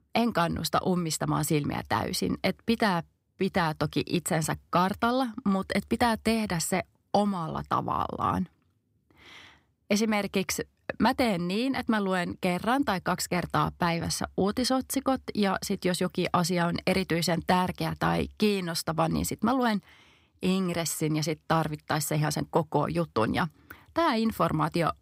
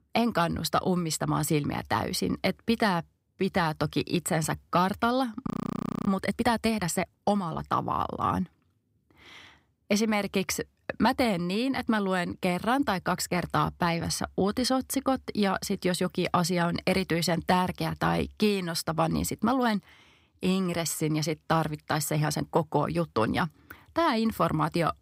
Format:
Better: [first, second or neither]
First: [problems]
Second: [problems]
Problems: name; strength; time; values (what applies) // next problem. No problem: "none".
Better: first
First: none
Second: audio freezing; at 5.5 s for 0.5 s